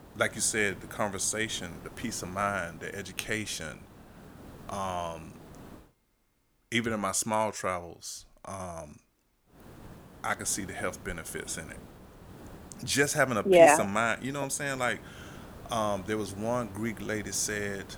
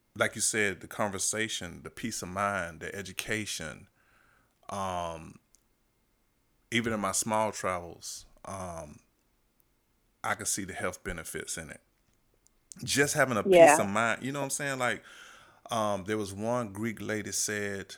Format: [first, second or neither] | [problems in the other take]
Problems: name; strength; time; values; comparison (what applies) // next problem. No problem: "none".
second | hiss; noticeable; until 6 s and from 9.5 s on; 20 dB below the speech